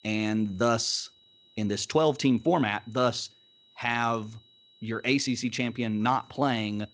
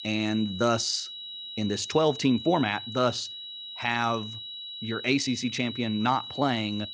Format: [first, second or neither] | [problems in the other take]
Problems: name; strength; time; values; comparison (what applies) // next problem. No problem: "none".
first | high-pitched whine; loud; throughout; 4 kHz, 10 dB below the speech; faint in the first